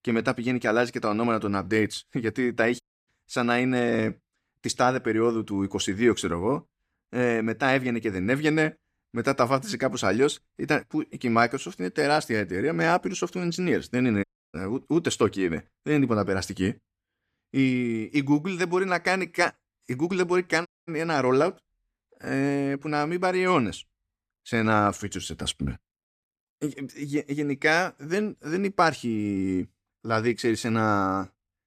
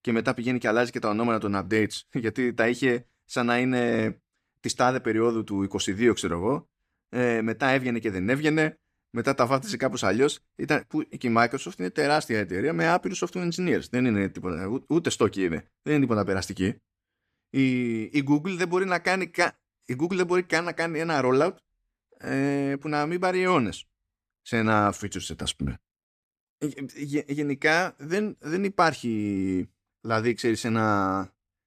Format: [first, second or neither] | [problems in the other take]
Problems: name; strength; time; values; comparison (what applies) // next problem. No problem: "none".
second | audio cutting out; at 3 s, at 14 s and at 21 s